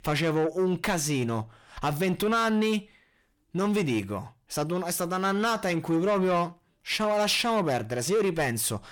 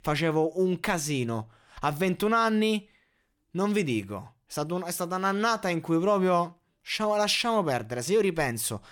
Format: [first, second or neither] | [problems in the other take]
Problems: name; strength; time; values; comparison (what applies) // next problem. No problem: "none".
second | distortion; slight; 10 dB below the speech